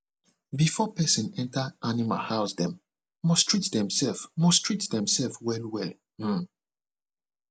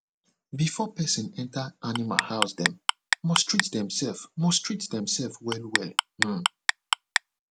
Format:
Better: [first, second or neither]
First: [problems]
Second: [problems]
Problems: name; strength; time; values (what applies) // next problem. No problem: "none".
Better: first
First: none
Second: background sound (Clock); 2 dB above the speech